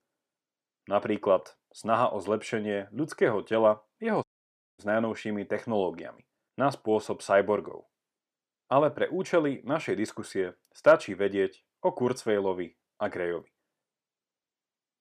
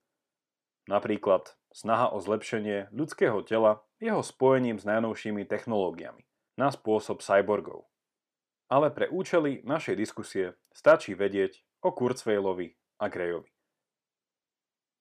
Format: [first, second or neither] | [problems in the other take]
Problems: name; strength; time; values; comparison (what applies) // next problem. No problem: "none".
second | audio cutting out; at 4 s for 0.5 s